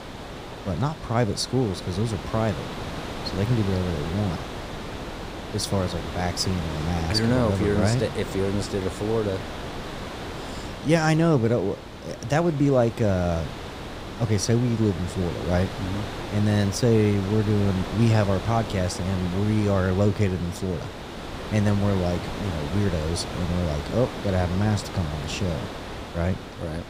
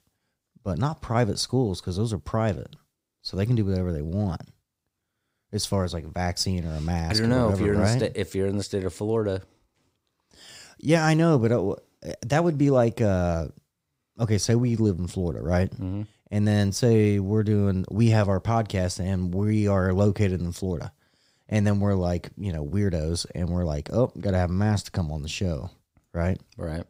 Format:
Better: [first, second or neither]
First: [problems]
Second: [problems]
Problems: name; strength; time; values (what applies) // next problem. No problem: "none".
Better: second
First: wind noise on the microphone; heavy; 7 dB below the speech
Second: none